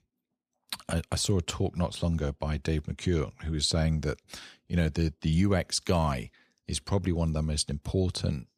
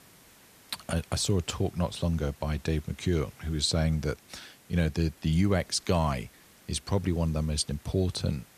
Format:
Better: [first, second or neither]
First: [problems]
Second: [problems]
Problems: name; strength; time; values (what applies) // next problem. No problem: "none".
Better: first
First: none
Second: hiss; faint; throughout; 25 dB below the speech